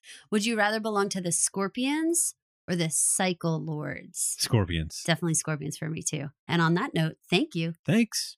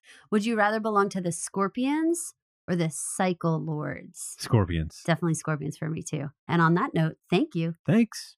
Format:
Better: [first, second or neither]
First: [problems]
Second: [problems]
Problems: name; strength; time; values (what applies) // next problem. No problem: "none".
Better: first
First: none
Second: muffled; slightly; fading above 2 kHz